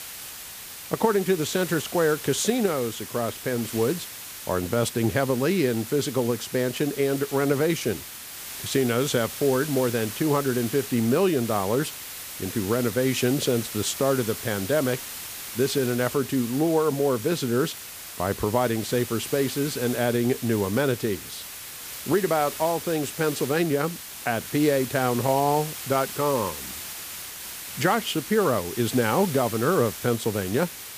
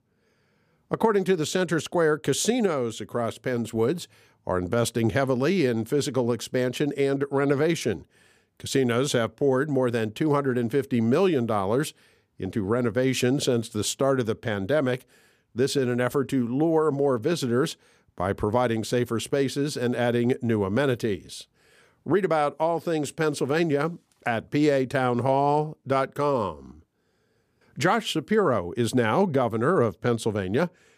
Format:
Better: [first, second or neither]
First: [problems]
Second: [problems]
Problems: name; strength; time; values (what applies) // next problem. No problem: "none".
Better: second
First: hiss; loud; throughout; 9 dB below the speech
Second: none